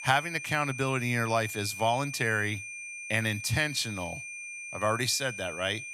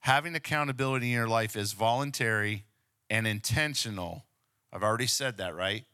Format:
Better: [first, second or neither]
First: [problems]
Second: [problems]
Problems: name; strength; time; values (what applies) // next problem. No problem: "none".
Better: second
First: high-pitched whine; loud; throughout; 2.5 kHz, 9 dB below the speech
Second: none